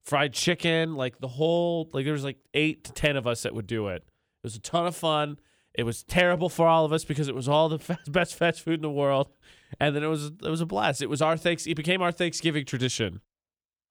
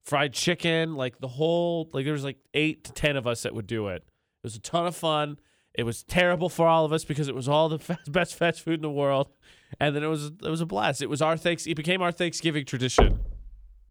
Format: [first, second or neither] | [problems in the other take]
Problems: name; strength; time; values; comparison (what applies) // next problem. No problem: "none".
first | door banging; loud; at 13 s; peak 3 dB above the speech